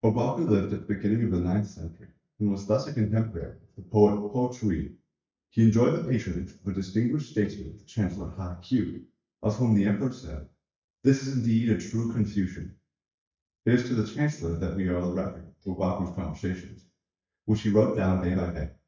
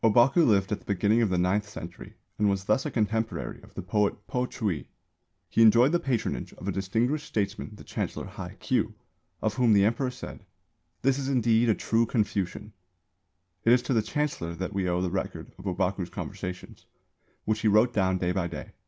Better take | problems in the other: second | noise reduction (neural mask model DeepFilterNet 3)

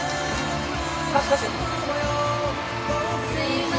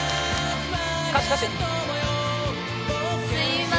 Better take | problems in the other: second | background sound (Applause / Crowd / Cheering); 8 dB below the speech // room echo; dies away in 2.4 s

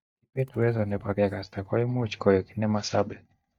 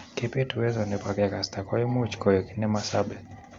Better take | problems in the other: second | noise reduction (neural mask model DeepFilterNet 3)

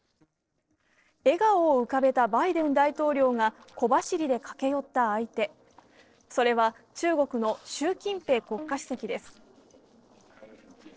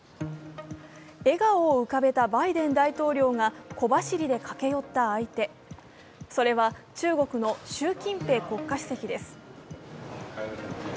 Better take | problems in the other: second | noise reduction (neural separator model SepFormer DNS4)

